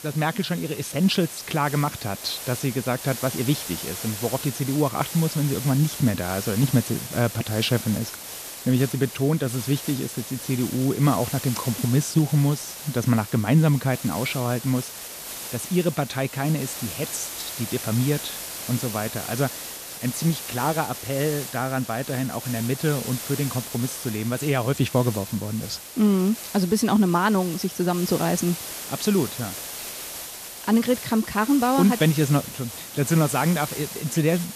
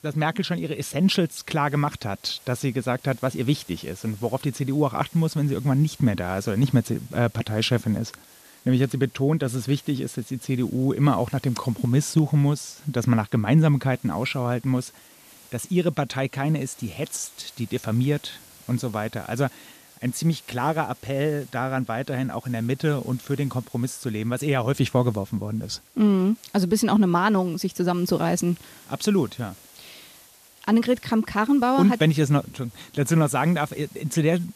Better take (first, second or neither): second